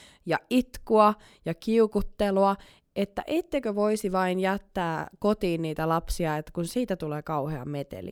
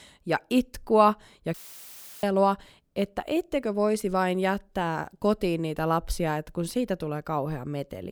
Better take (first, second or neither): first